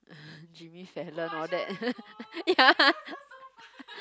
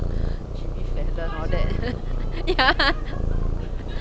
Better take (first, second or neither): first